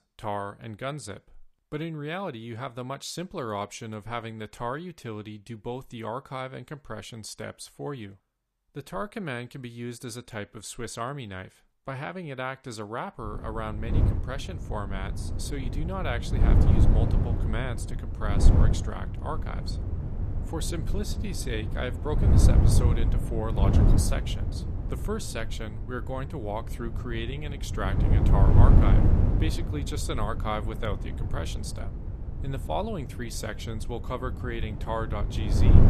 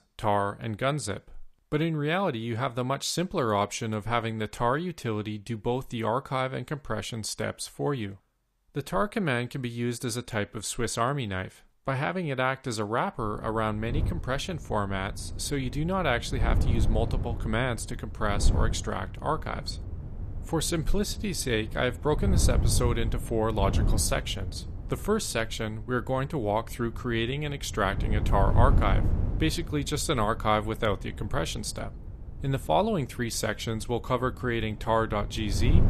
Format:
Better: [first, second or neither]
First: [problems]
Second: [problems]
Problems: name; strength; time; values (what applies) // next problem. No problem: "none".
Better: second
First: wind noise on the microphone; heavy; from 13 s on; 3 dB below the speech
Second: wind noise on the microphone; occasional gusts; from 13 s on; 15 dB below the speech